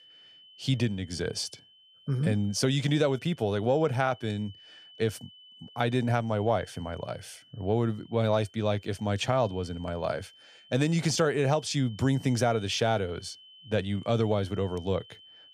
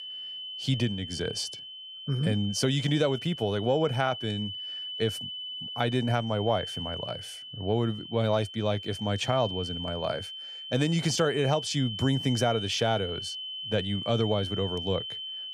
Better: first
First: high-pitched whine; faint; throughout; 3 kHz, 25 dB below the speech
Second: high-pitched whine; loud; throughout; 3 kHz, 7 dB below the speech

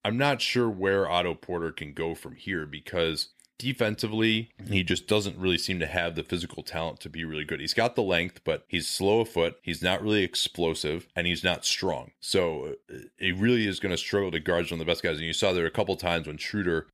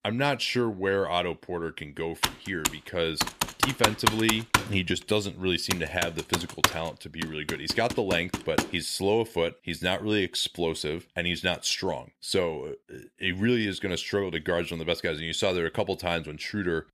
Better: first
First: none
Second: keyboard typing; loud; from 2 to 8.5 s; peak 5 dB above the speech

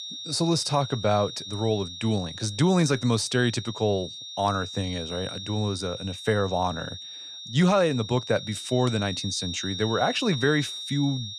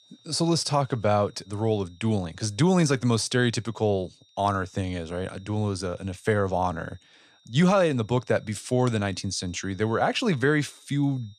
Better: second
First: high-pitched whine; loud; throughout; 3.5 kHz, 9 dB below the speech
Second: high-pitched whine; faint; throughout; 3.5 kHz, 30 dB below the speech

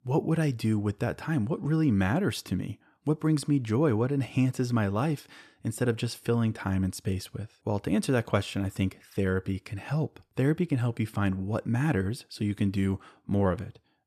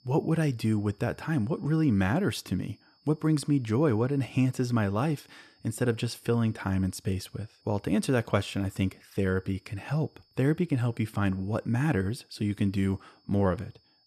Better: first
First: none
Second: high-pitched whine; faint; throughout; 5 kHz, 35 dB below the speech

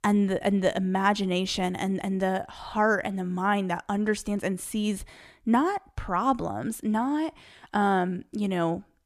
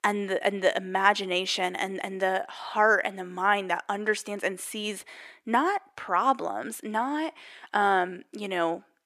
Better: first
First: none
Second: thin; somewhat; fading below 400 Hz

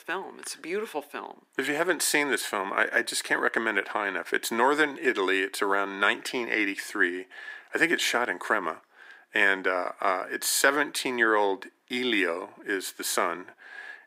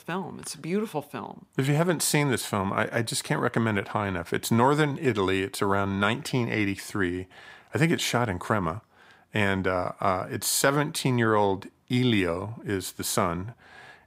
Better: second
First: thin; somewhat; fading below 300 Hz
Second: none

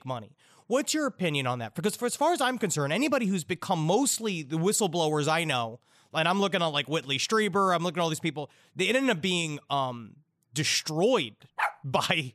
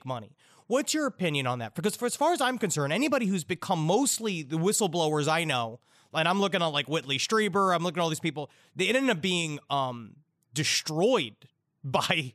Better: second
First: dog barking; noticeable; at 12 s; peak 4 dB below the speech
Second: none

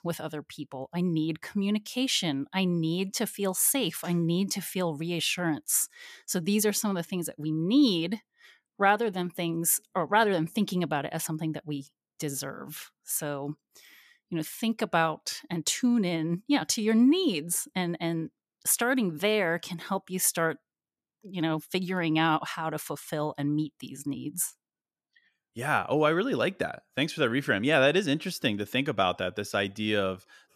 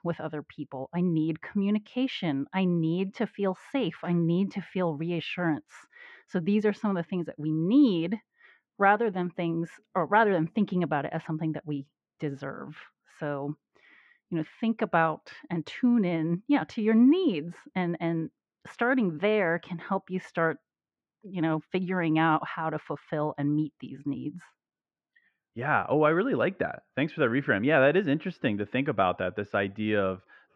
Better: first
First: none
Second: muffled; very; fading above 2 kHz

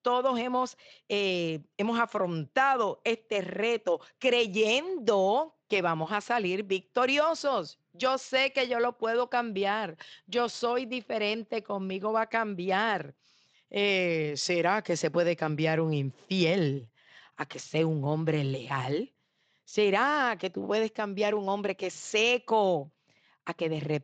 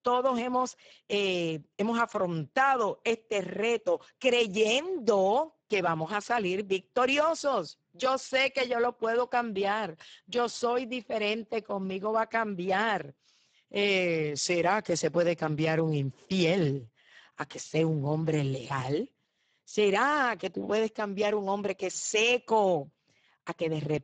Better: first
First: garbled, watery; slightly; nothing above 7.5 kHz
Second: garbled, watery; badly; nothing above 7.5 kHz

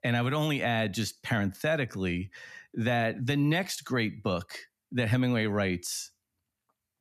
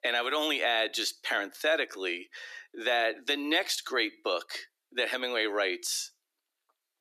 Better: first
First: none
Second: thin; very; fading below 300 Hz

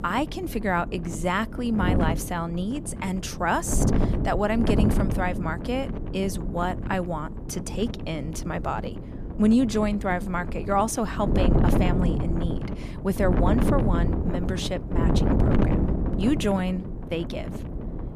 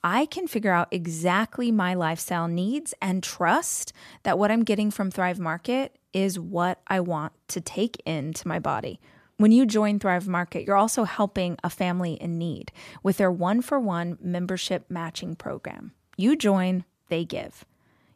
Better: second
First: wind noise on the microphone; heavy; 6 dB below the speech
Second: none

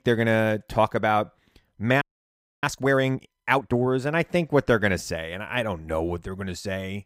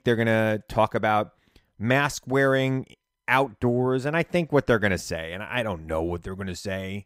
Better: second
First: audio freezing; at 2 s for 0.5 s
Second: none

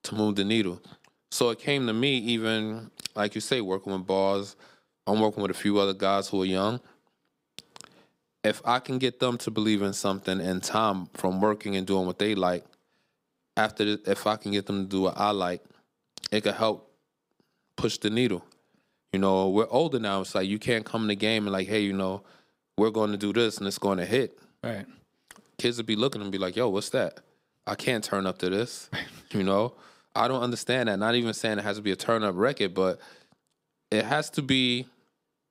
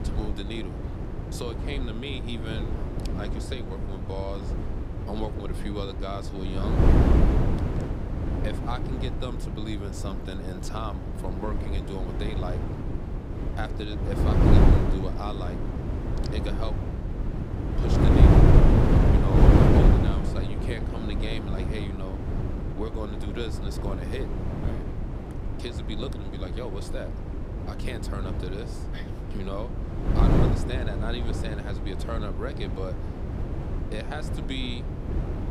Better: first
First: none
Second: wind noise on the microphone; heavy; 3 dB above the speech

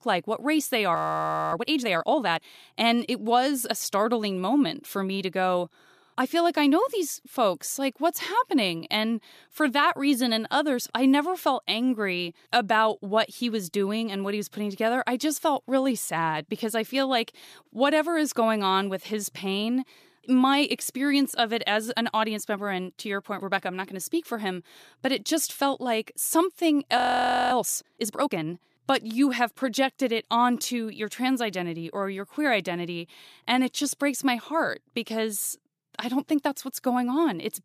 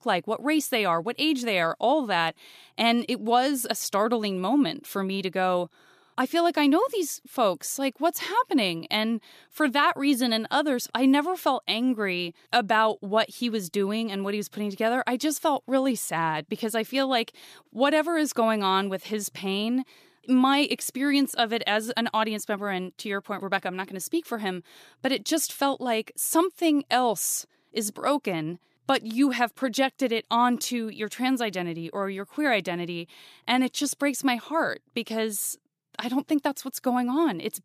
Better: second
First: audio freezing; at 1 s for 0.5 s and at 27 s for 0.5 s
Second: none

